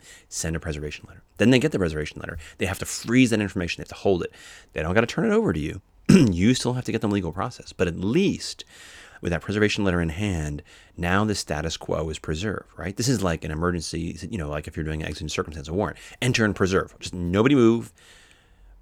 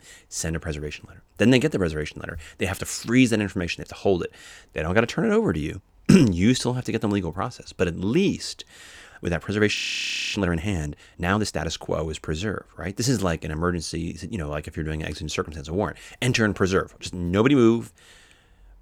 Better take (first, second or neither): first